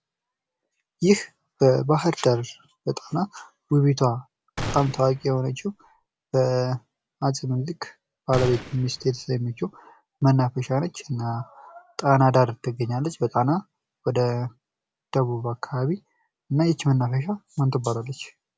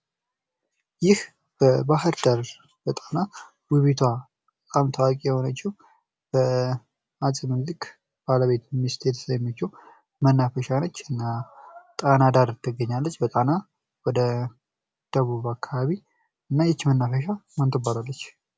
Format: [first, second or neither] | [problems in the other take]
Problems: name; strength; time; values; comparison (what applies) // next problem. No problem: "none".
second | background sound (Gunshot, gunfire); 11 dB below the speech